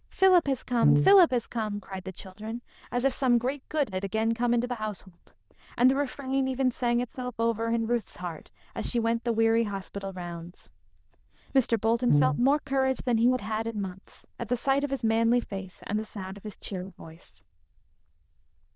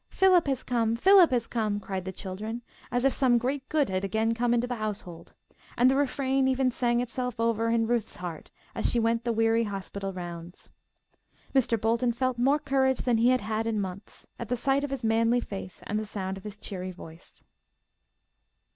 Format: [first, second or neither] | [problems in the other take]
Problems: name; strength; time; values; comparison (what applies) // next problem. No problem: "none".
second | noise reduction (neural diffusion model UNIVERSE++)